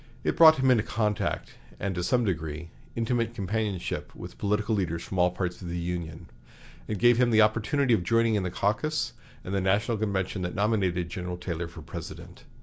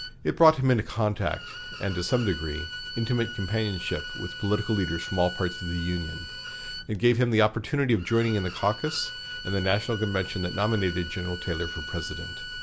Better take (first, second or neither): first